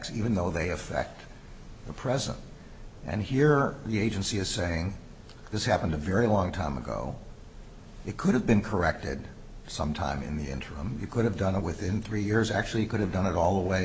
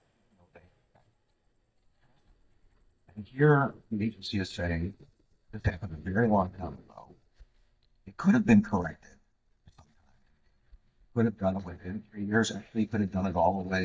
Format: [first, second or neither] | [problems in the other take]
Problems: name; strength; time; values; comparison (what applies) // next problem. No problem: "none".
first | noise reduction (neural mask model DeepFilterNet 3)